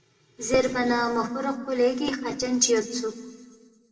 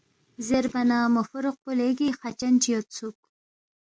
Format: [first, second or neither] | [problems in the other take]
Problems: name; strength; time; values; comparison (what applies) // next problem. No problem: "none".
second | room echo; dies away in 1.3 s